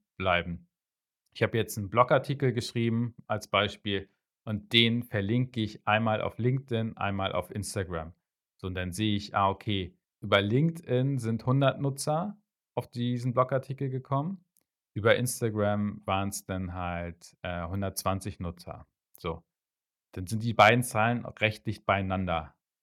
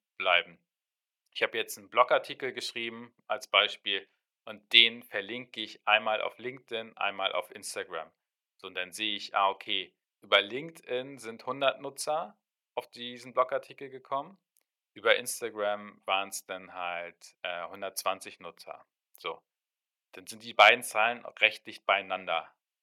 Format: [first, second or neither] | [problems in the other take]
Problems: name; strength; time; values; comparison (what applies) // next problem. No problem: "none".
first | thin; very; fading below 600 Hz